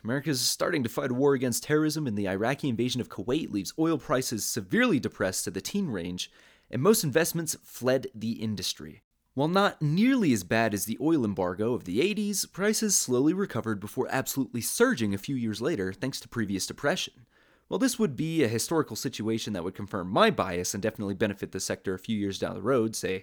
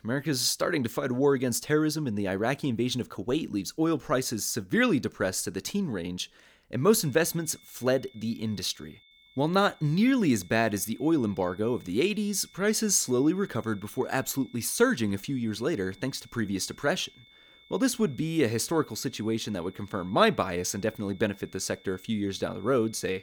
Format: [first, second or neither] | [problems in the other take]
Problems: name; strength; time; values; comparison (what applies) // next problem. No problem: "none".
first | high-pitched whine; faint; from 7 s on; 3.5 kHz, 25 dB below the speech